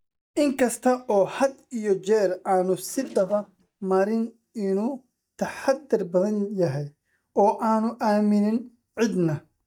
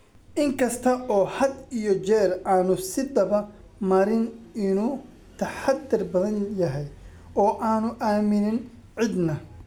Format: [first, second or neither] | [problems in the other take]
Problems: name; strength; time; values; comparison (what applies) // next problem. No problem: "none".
second | noise reduction (neural mask model DeepFilterNet 3)